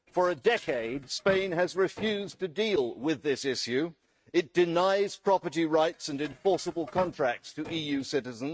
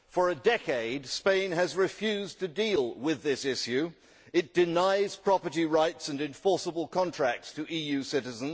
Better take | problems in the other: second | noise reduction (neural mask model RNNoise)

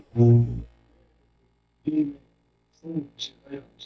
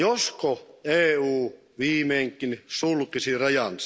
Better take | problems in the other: second | noise reduction (neural mask model DeepFilterNet 3)

